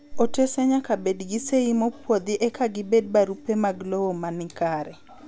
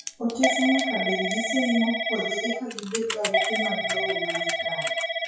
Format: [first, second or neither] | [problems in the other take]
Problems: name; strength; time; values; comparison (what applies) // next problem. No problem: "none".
first | noise reduction (classical method WPE with log-MMSE)